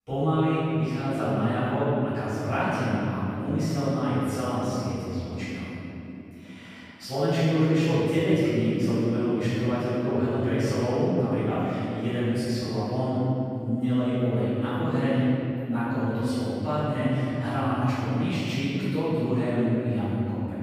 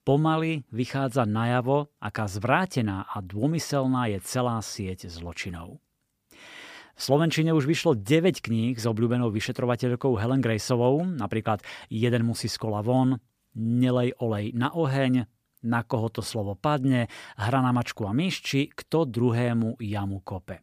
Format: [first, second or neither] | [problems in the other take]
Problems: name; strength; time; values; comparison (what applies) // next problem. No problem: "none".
second | off-mic speech; far // room echo; strong; dies away in 3 s